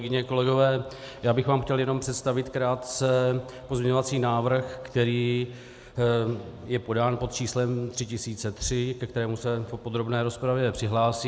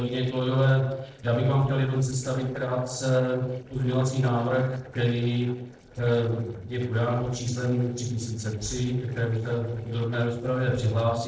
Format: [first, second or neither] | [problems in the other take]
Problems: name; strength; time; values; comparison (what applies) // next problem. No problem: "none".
first | noise reduction (neural separator model SepFormer DNS4)